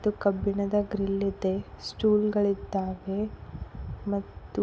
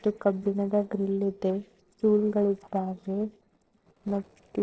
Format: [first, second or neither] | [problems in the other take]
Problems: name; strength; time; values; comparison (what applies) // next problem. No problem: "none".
first | noise reduction (neural separator model SepFormer DNS4)